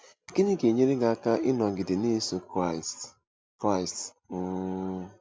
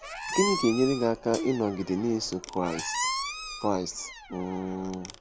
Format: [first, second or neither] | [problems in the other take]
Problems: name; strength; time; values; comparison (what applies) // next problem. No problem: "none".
first | background sound (Hi-hat + Squeak); 7 dB below the speech